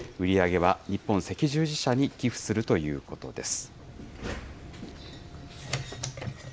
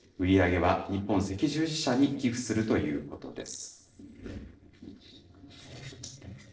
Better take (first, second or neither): first